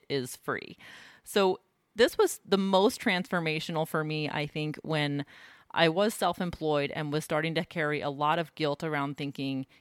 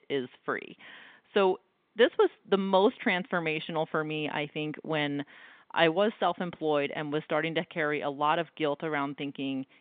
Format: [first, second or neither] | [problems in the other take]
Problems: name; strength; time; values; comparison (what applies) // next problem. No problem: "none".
first | phone-call audio; nothing above 3.5 kHz